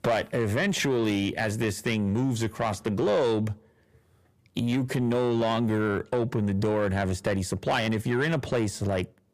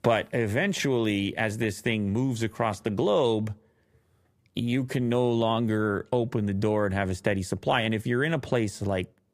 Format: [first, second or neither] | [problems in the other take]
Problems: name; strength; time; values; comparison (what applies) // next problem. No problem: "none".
second | distortion; slight; 10 dB below the speech